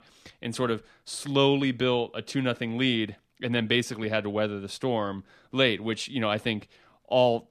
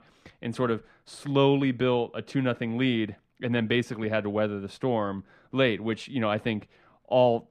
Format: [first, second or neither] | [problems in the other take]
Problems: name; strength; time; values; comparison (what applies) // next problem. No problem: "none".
first | muffled; slightly; fading above 3 kHz